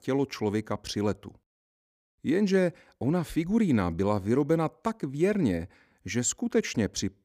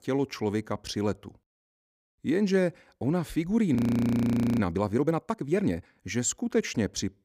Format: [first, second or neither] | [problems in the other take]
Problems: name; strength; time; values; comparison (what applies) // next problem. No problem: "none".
first | audio freezing; at 4 s for 1 s